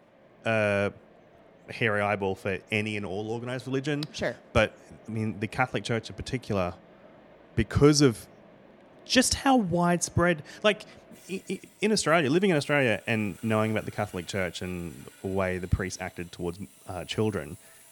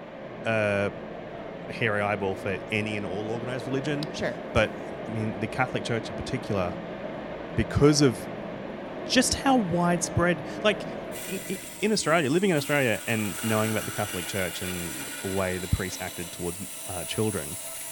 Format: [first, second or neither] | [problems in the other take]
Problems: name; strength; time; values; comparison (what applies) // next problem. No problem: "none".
first | machinery noise; loud; throughout; 8 dB below the speech; faint in the first